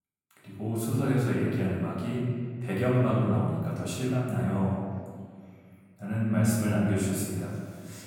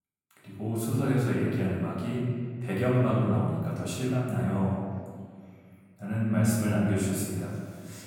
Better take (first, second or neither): neither